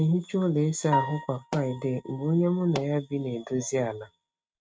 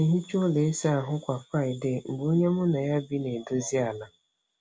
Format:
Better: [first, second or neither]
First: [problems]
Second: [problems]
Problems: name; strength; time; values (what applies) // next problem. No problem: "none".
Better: second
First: noise reduction (neural mask model RNNoise)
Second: none